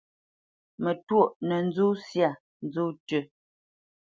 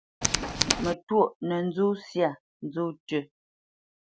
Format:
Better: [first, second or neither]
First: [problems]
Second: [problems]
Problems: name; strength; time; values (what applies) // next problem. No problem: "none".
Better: first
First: none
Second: background sound (Tools); 2 dB above the speech